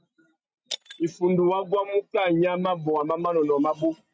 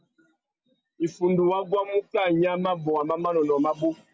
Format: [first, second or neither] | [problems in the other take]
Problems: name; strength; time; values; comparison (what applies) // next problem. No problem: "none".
second | noise reduction (neural mask model RNNoise)